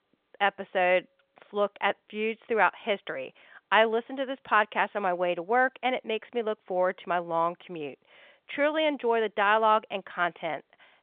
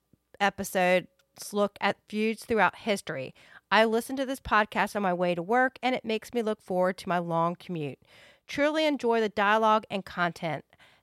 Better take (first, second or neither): second